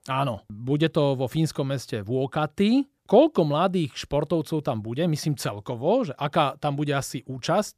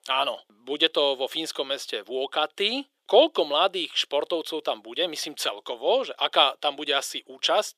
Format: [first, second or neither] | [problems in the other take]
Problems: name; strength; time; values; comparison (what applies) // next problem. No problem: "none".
first | thin; very; fading below 400 Hz